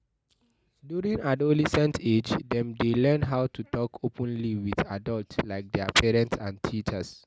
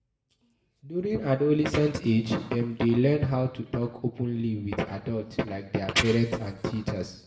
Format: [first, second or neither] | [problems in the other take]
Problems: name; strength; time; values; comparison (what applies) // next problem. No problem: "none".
first | room echo; dies away in 0.8 s